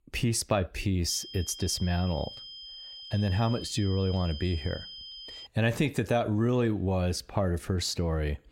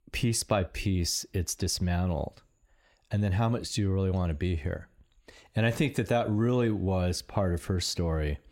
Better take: second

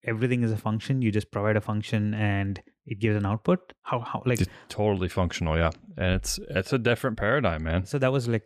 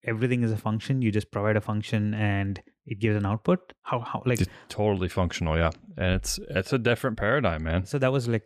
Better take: neither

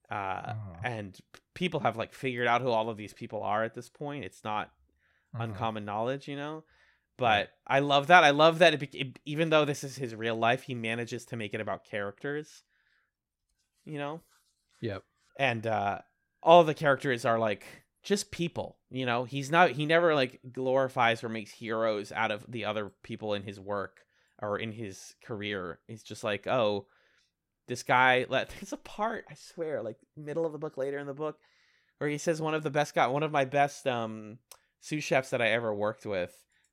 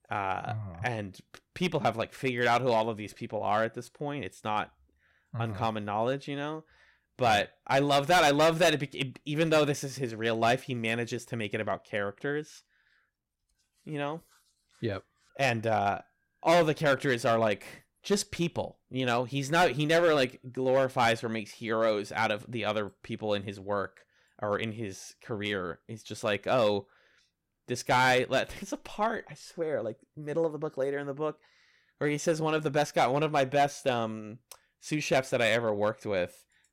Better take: first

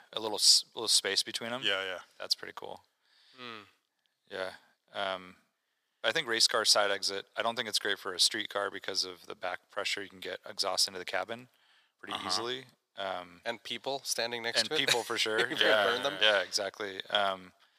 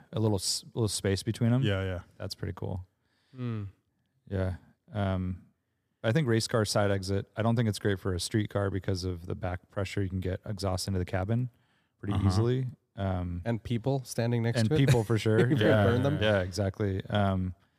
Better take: second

